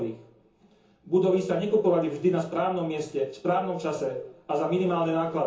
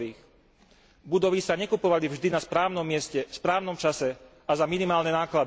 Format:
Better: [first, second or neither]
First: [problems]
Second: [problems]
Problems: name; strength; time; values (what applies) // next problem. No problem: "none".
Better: second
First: background sound (Bird); 13 dB below the speech // room echo; dies away in 0.6 s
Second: none